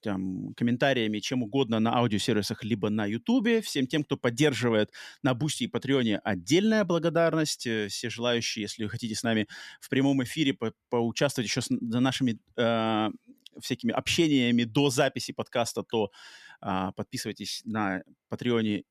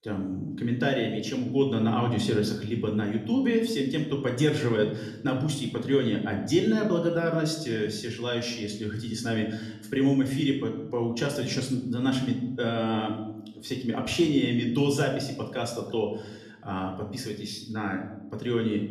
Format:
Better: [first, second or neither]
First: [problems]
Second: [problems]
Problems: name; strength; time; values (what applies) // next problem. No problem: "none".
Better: first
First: none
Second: room echo; slight; dies away in 0.9 s // off-mic speech; far